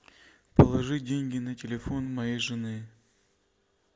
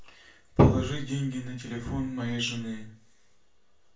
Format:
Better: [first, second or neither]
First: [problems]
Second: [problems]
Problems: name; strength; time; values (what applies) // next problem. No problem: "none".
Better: first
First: none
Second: room echo; dies away in 0.3 s